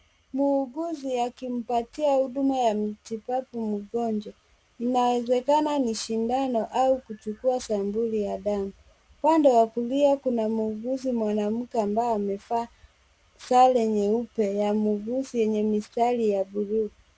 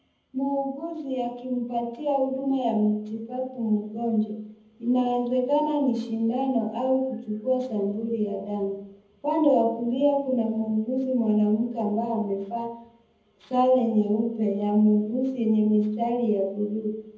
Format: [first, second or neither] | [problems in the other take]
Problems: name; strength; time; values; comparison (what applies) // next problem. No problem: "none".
first | room echo; dies away in 0.8 s